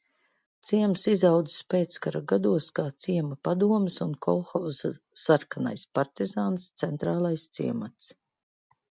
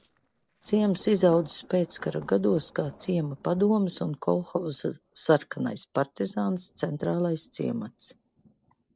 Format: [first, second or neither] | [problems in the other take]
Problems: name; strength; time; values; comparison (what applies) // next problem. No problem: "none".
first | noise reduction (neural separator model SepFormer DNS4)